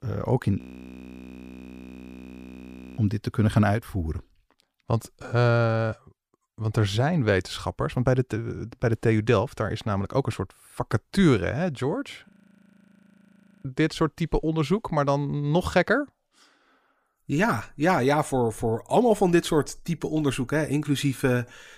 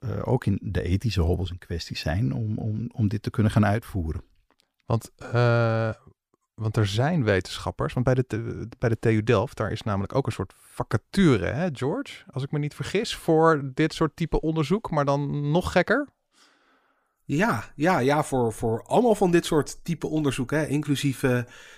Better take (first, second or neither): second